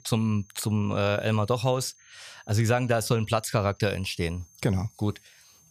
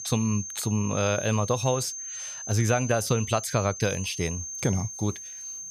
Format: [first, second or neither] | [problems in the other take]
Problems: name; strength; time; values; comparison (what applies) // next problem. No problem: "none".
first | high-pitched whine; loud; throughout; 6.5 kHz, 7 dB below the speech; faint in the first